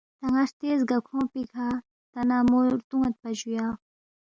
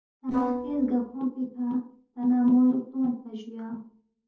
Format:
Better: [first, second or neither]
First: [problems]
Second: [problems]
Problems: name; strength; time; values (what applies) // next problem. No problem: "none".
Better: first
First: none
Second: noise reduction (neural separator model SepFormer DNS4)